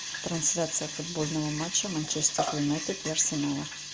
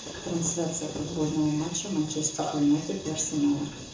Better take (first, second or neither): first